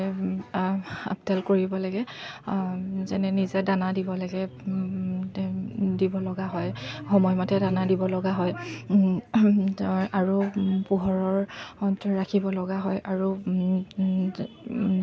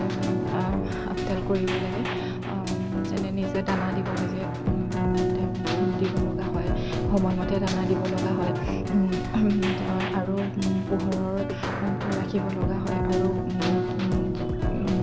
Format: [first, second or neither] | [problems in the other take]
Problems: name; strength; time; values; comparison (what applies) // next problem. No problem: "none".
first | background sound (Keyboard (musical)); 1 dB above the speech